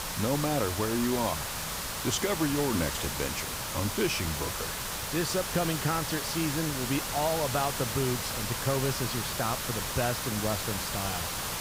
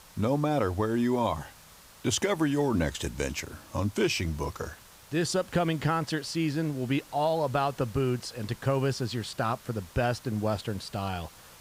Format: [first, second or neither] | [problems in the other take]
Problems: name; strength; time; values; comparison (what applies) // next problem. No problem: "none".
second | hiss; loud; throughout; 1 dB below the speech; faint in the second